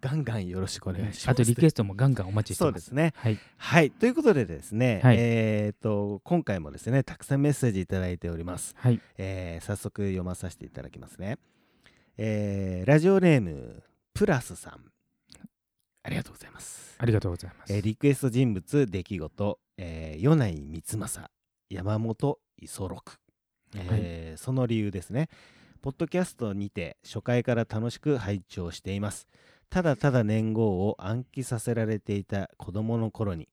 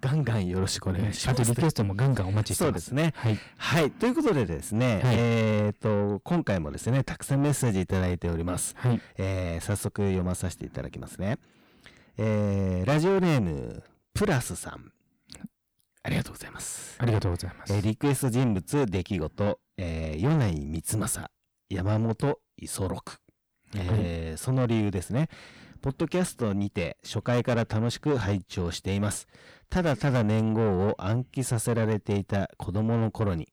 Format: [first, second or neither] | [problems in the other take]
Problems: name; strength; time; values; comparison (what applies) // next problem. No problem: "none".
first | distortion; heavy; 6 dB below the speech